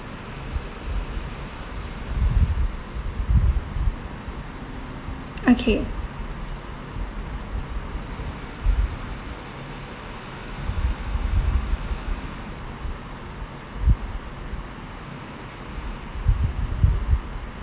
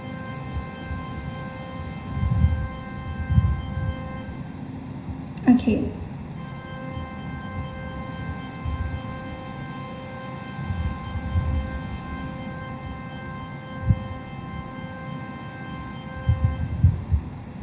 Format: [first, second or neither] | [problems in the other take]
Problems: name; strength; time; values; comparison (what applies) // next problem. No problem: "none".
first | background sound (Organ); 14 dB below the speech // room echo; dies away in 0.9 s